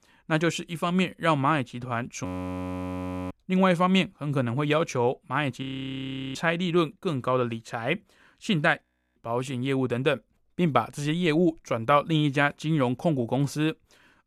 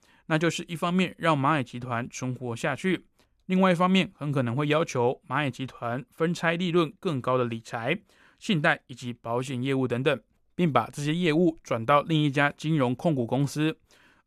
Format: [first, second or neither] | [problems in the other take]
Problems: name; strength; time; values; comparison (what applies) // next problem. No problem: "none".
second | audio freezing; at 2.5 s for 1 s, at 5.5 s for 0.5 s and at 9 s